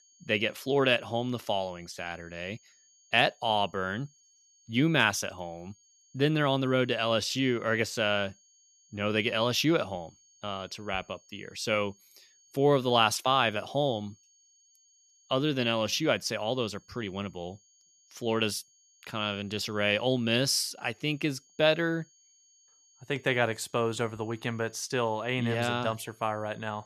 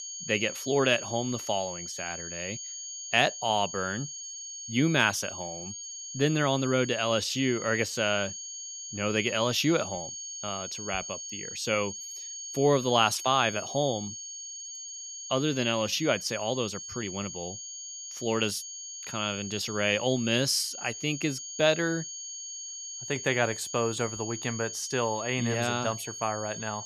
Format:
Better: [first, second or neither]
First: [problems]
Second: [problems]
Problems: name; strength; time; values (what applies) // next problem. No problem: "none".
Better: first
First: high-pitched whine; faint; throughout; 6.5 kHz, 30 dB below the speech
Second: high-pitched whine; loud; throughout; 6.5 kHz, 8 dB below the speech